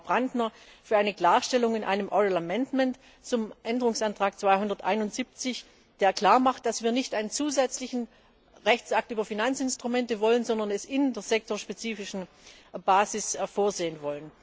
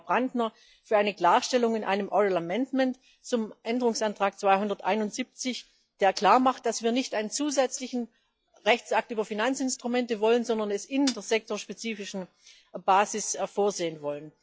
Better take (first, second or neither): first